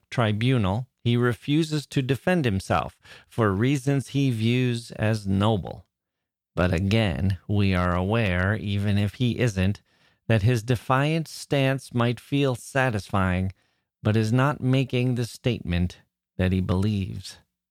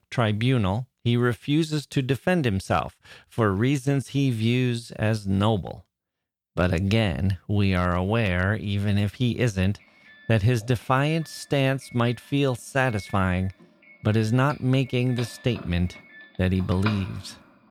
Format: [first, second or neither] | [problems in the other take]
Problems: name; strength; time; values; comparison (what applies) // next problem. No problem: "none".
first | doorbell; noticeable; from 15 to 17 s; peak 9 dB below the speech